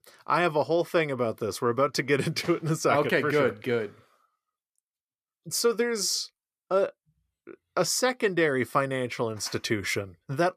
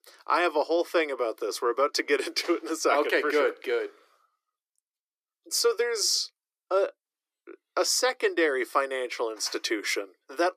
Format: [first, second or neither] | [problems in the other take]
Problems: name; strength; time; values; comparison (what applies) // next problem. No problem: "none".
first | thin; somewhat; fading below 300 Hz